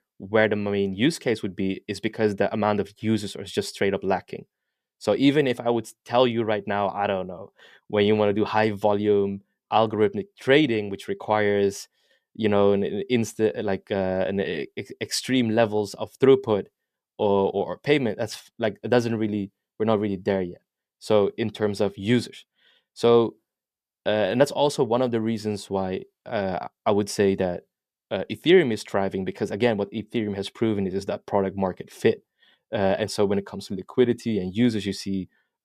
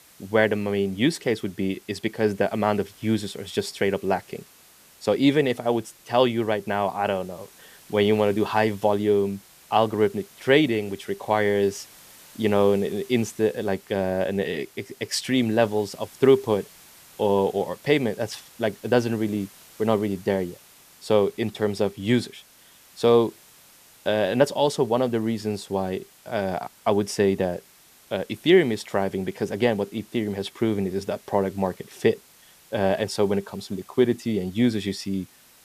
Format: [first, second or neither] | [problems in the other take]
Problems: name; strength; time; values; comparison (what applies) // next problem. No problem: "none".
first | hiss; faint; throughout; 25 dB below the speech